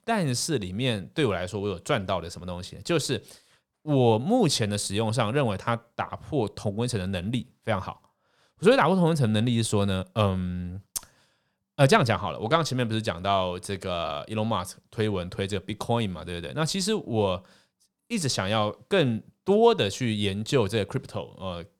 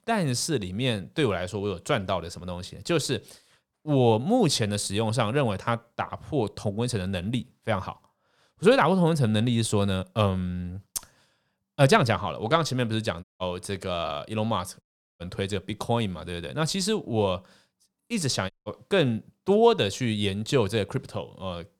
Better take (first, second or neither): first